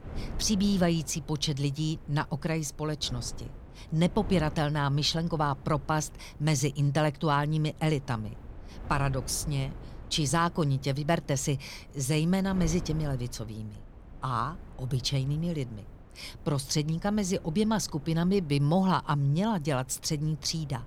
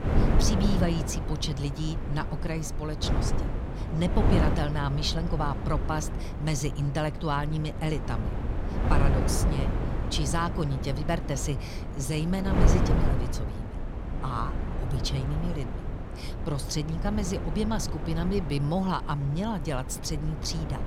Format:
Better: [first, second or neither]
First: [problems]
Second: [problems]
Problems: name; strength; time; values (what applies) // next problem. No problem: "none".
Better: first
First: wind noise on the microphone; occasional gusts; 20 dB below the speech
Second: wind noise on the microphone; heavy; 4 dB below the speech